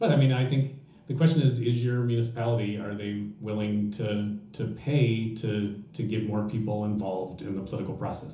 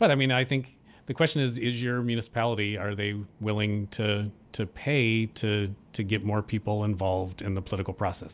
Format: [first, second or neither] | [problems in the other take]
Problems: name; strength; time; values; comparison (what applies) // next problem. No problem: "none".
second | room echo; dies away in 0.7 s